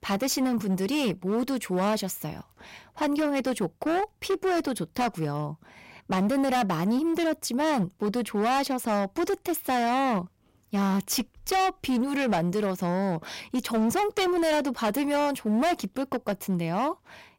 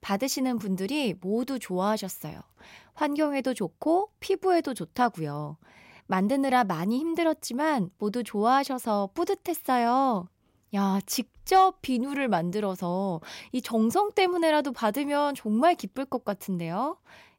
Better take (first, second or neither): second